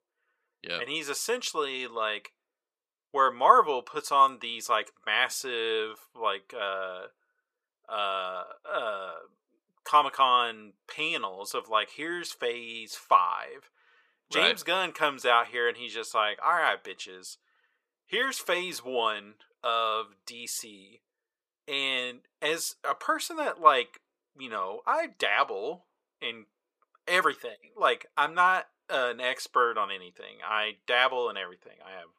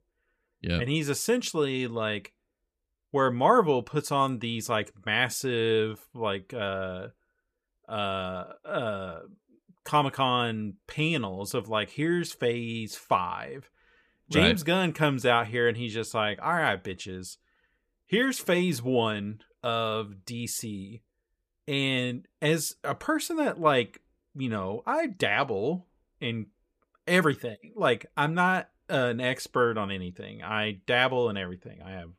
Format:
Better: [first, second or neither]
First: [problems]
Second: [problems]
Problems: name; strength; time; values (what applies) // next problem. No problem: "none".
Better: second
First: thin; very; fading below 550 Hz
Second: none